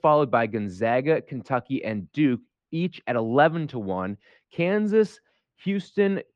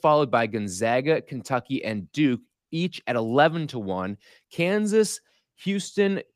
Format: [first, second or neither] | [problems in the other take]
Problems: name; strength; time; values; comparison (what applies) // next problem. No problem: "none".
second | muffled; slightly; fading above 2.5 kHz